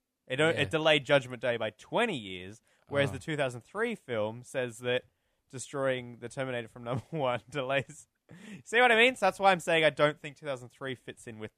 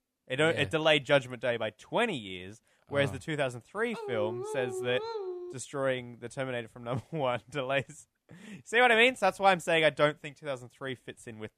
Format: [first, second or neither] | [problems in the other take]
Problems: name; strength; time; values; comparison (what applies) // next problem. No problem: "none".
first | dog barking; noticeable; from 4 to 5.5 s; peak 7 dB below the speech